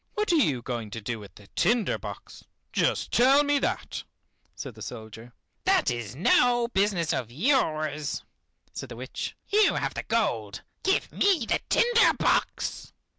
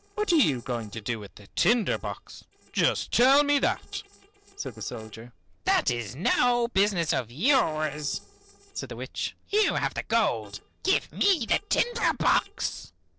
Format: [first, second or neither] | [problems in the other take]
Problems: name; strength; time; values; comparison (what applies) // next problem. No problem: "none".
first | noise reduction (neural separator model SepFormer DNS4)